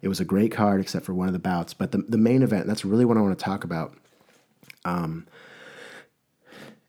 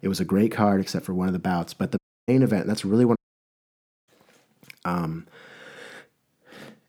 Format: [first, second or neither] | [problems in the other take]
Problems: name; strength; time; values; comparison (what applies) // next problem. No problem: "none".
first | audio cutting out; at 2 s and at 3 s for 1 s